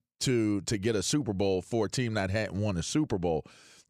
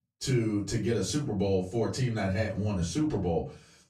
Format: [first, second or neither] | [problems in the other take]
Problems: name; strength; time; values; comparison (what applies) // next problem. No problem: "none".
first | off-mic speech; far // room echo; slight; dies away in 0.3 s